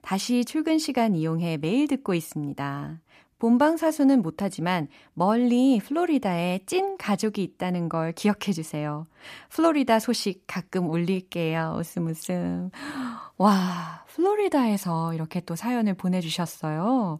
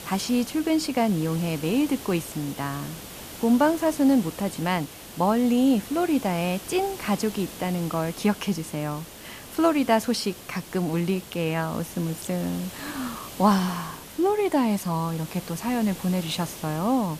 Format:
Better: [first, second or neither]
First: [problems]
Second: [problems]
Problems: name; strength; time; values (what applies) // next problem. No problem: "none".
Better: first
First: none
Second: hiss; noticeable; throughout; 15 dB below the speech